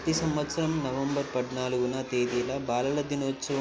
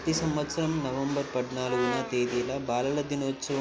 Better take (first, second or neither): first